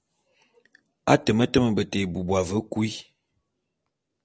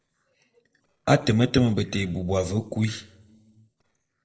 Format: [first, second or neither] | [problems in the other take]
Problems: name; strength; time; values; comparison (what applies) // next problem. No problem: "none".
first | noise reduction (neural separator model SepFormer DNS4)